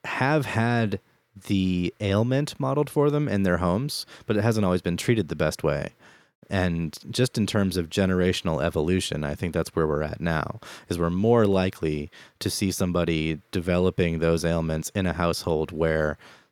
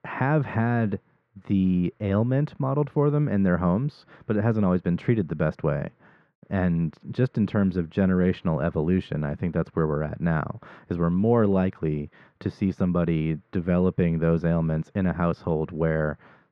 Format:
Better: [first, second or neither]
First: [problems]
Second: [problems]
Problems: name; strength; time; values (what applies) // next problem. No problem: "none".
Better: first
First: none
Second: muffled; very; fading above 1.5 kHz